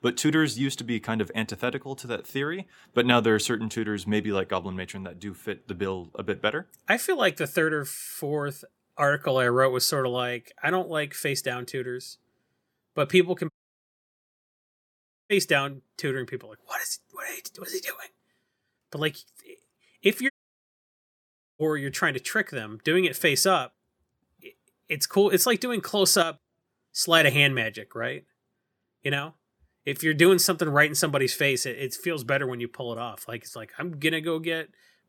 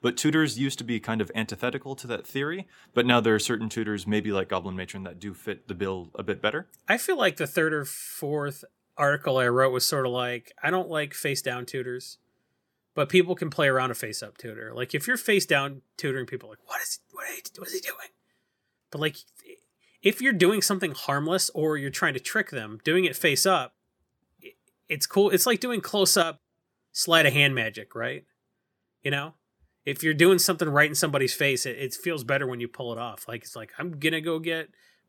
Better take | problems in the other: second | audio cutting out; at 14 s for 2 s and at 20 s for 1.5 s

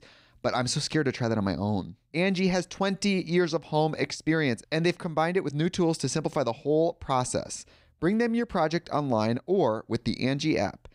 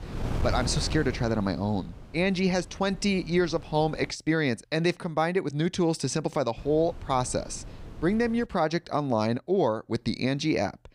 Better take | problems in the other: first | wind noise on the microphone; occasional gusts; until 4 s and from 6.5 to 8.5 s; 15 dB below the speech

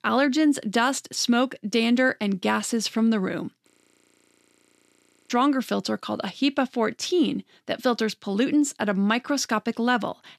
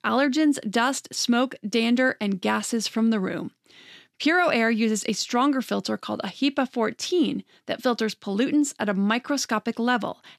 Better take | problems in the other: second | audio freezing; at 3.5 s for 1.5 s

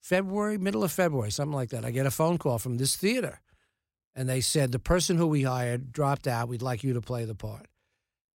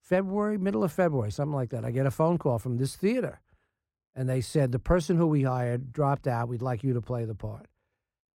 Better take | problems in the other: first | muffled; slightly; fading above 2 kHz

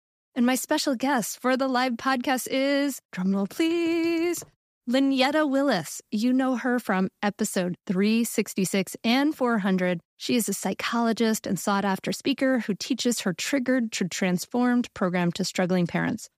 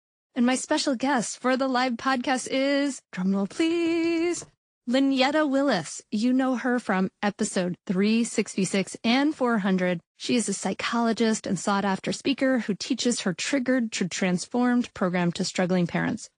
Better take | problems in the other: first | garbled, watery; slightly; nothing above 10 kHz

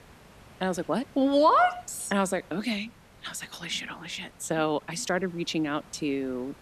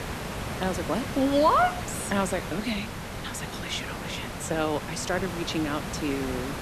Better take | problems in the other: first | hiss; loud; throughout; 6 dB below the speech; faint in the first

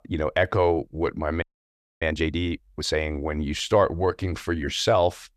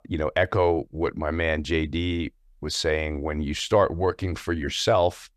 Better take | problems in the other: second | audio freezing; at 1.5 s for 0.5 s

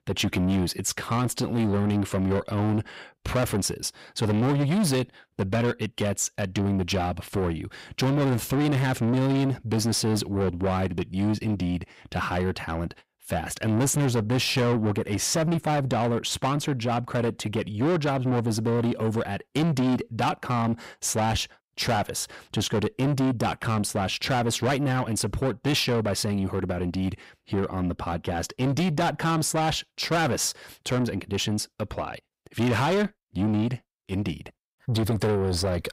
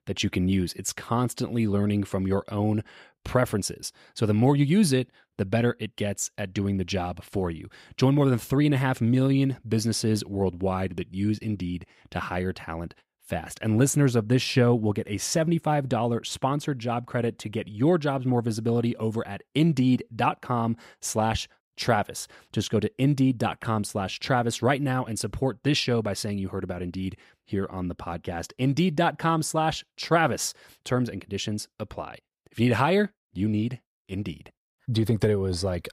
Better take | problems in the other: second | distortion; heavy; 8 dB below the speech

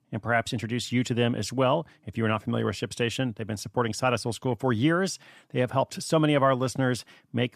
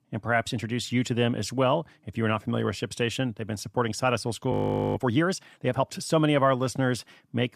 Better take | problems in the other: first | audio freezing; at 4.5 s

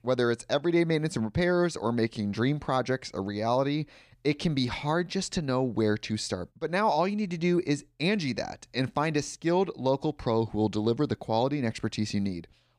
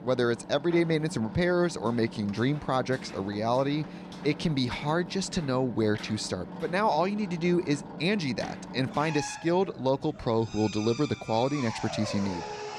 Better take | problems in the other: first | machinery noise; noticeable; throughout; 10 dB below the speech

